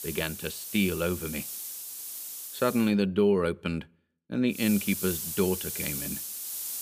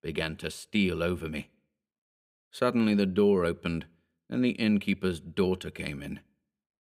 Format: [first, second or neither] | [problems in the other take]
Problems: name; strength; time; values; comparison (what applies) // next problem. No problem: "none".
second | hiss; loud; until 3 s and from 4.5 s on; 6 dB below the speech